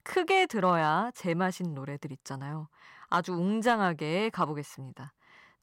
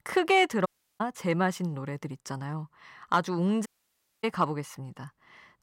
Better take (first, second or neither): first